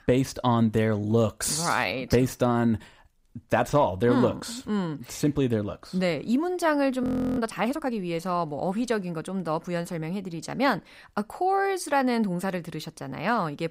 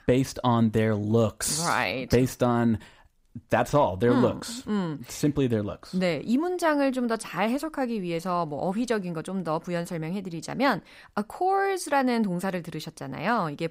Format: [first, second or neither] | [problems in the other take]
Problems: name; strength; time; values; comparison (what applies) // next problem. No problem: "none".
second | audio freezing; at 7 s